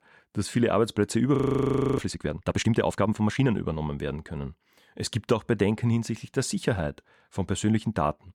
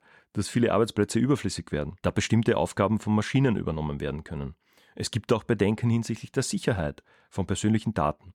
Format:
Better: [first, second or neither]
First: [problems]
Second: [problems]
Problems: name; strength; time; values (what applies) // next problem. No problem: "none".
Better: second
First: audio freezing; at 1.5 s for 0.5 s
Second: none